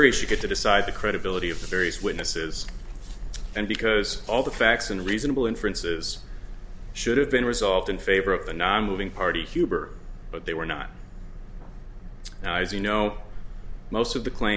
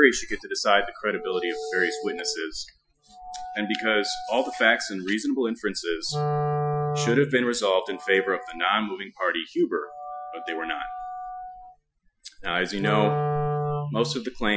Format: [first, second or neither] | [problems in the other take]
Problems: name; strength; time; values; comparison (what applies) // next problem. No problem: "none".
first | noise reduction (classical method Wiener filter)